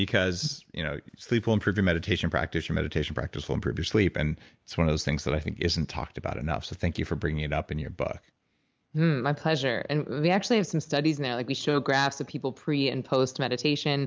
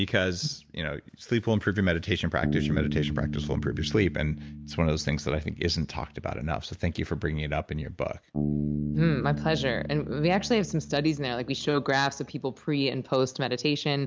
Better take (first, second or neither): first